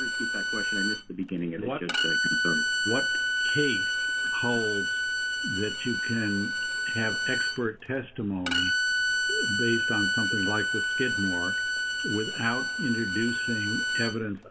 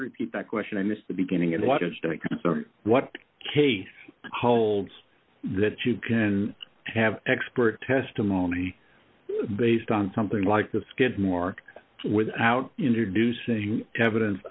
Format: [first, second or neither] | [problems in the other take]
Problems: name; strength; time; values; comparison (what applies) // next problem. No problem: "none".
second | background sound (Bowed string instrument); 4 dB above the speech // room echo; dies away in 1.5 s